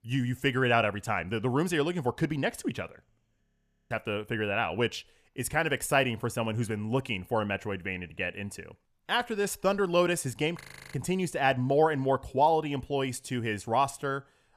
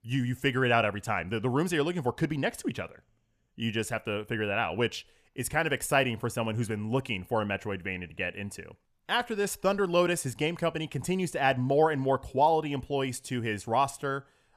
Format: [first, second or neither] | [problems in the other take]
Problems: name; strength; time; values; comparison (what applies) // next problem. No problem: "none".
second | audio freezing; at 3.5 s and at 11 s